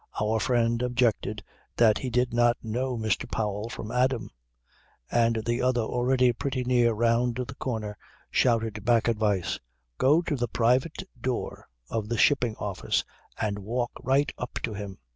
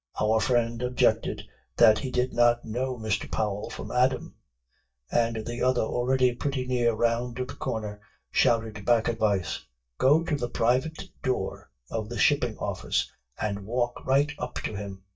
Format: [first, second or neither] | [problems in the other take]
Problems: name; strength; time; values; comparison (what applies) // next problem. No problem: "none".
first | noise reduction (neural mask model DeepFilterNet 3)